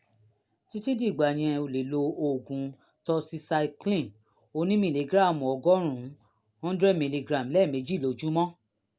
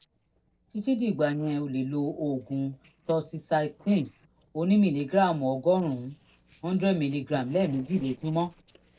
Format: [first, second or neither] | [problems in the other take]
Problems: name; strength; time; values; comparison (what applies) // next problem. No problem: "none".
first | noise reduction (neural separator model SepFormer DNS4)